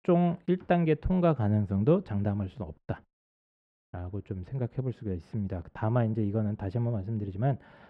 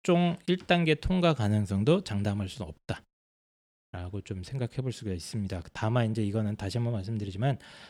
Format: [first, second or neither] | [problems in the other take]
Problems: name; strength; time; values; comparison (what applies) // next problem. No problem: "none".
second | muffled; very; fading above 3 kHz